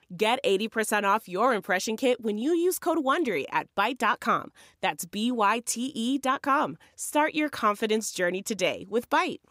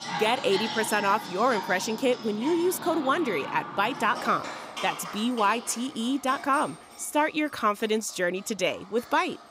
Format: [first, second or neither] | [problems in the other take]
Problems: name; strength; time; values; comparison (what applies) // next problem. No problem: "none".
first | animal sounds; loud; throughout; 9 dB below the speech